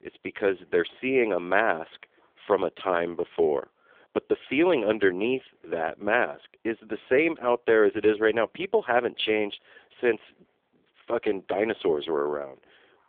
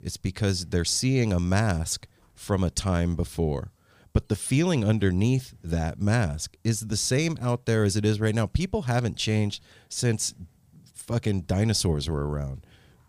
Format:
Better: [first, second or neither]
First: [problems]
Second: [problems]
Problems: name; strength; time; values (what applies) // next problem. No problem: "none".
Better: second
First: phone-call audio; poor line; nothing above 3.5 kHz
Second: none